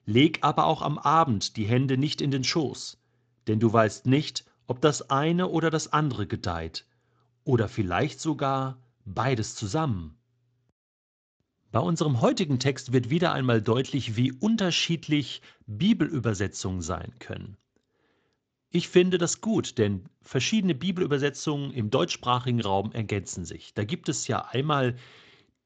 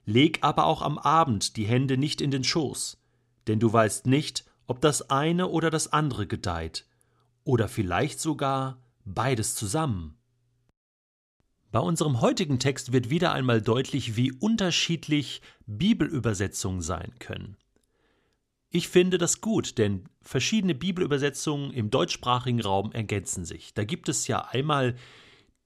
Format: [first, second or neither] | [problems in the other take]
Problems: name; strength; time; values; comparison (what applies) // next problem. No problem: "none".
second | garbled, watery; slightly; nothing above 7.5 kHz